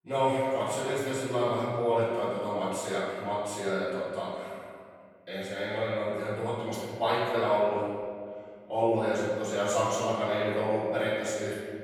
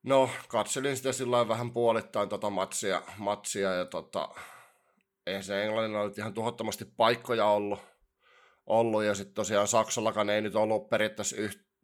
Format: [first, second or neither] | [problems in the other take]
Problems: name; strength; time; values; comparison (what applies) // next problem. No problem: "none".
second | off-mic speech; far // room echo; strong; dies away in 2 s